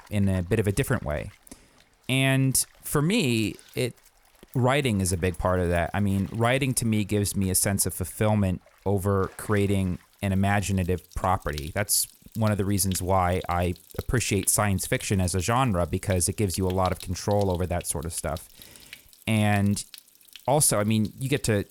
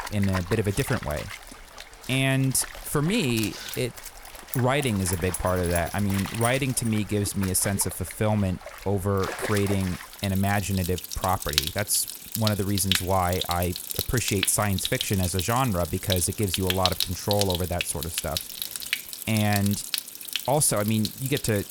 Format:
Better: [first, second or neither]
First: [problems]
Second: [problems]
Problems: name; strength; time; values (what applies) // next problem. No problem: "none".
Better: first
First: rain or running water; faint; throughout; 25 dB below the speech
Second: rain or running water; loud; throughout; 6 dB below the speech